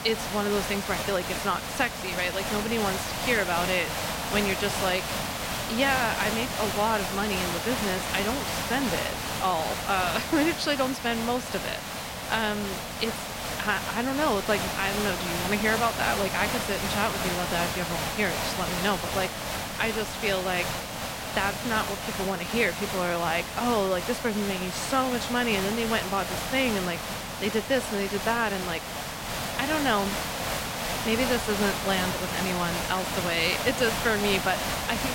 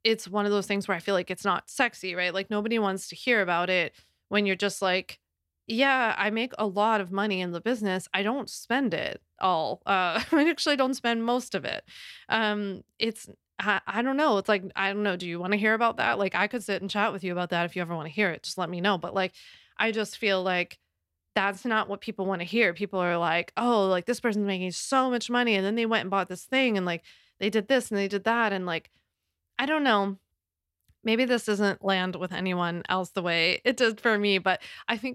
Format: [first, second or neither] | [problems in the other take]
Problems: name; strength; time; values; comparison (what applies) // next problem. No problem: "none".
second | hiss; loud; throughout; 2 dB below the speech